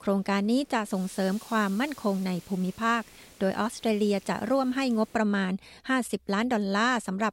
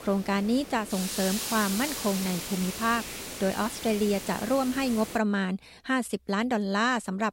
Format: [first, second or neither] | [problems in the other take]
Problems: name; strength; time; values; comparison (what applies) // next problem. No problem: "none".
first | hiss; loud; until 5 s; 7 dB below the speech; faint in the first